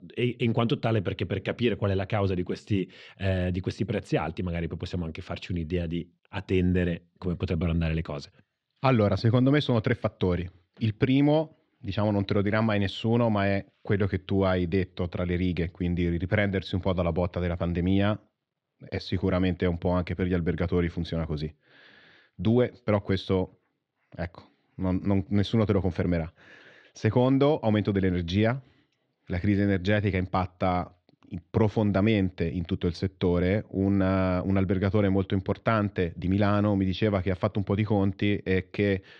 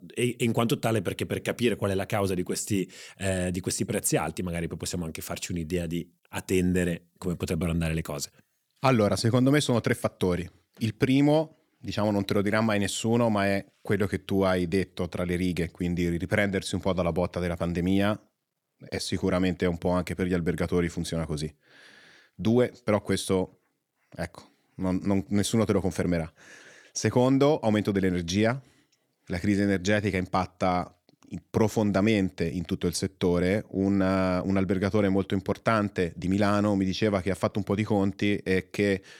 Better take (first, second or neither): second